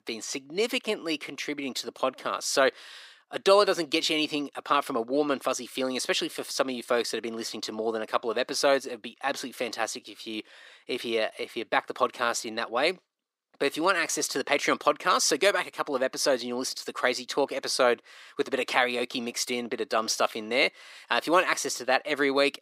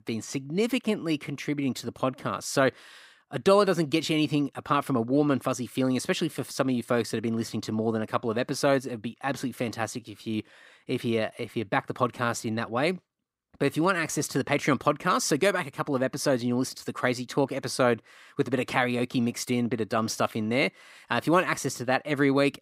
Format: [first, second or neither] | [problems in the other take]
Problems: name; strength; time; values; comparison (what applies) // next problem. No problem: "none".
second | thin; somewhat; fading below 450 Hz